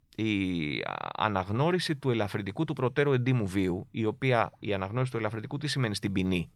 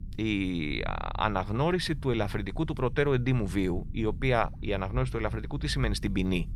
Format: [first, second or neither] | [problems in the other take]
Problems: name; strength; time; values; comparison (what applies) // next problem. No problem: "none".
first | low rumble; faint; throughout; 25 dB below the speech